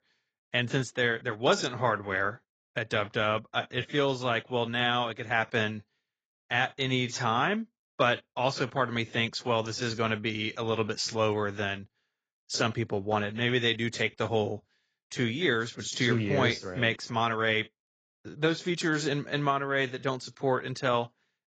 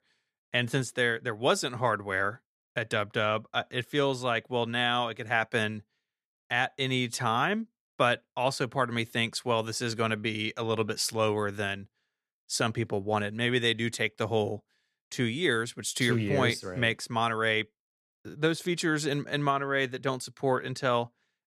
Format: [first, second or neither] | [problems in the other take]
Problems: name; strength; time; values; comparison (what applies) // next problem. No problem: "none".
second | garbled, watery; badly; nothing above 7.5 kHz